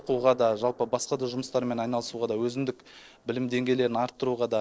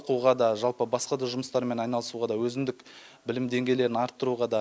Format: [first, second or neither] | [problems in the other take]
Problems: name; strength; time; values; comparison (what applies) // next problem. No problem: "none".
second | noise reduction (neural separator model SepFormer DNS4)